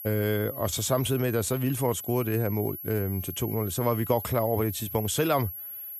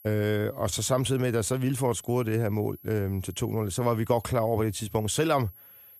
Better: second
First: high-pitched whine; loud; throughout; 11.5 kHz, 9 dB below the speech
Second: high-pitched whine; faint; throughout; 11.5 kHz, 20 dB below the speech

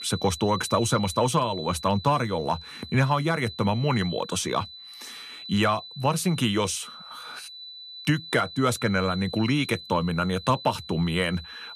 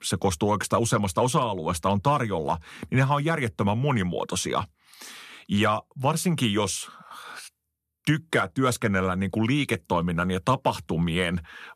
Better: second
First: high-pitched whine; noticeable; throughout; 4 kHz, 15 dB below the speech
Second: none

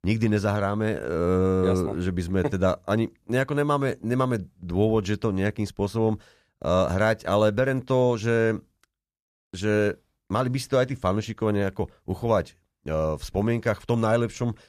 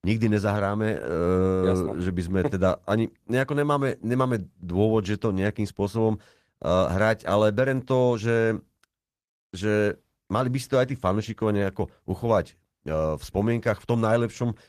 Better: first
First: none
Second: garbled, watery; slightly; nothing above 14.5 kHz

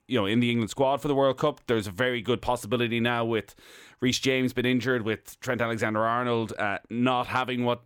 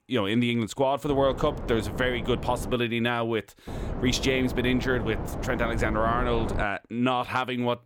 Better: first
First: none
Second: wind noise on the microphone; occasional gusts; from 1 to 2.5 s and from 3.5 to 6.5 s; 10 dB below the speech

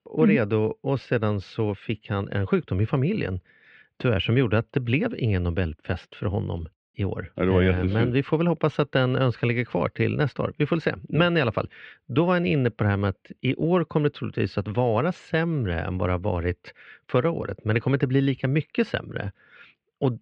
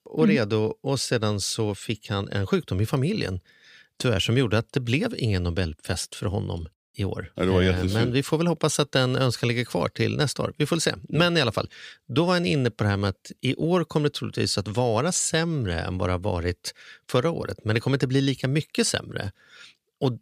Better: second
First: muffled; very; fading above 2.5 kHz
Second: none

